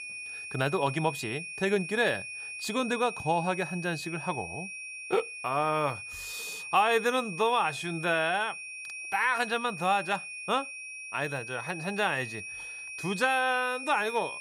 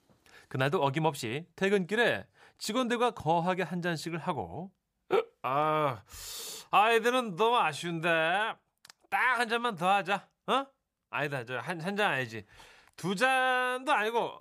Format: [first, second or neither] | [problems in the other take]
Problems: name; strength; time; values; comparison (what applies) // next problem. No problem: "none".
second | high-pitched whine; loud; throughout; 2.5 kHz, 8 dB below the speech